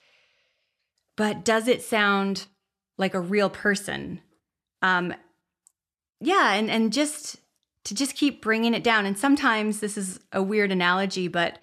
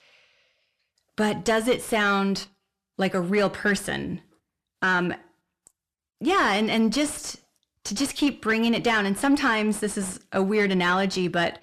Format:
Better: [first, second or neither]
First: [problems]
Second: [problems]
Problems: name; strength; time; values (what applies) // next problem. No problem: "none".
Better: first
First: none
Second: distortion; slight; 10 dB below the speech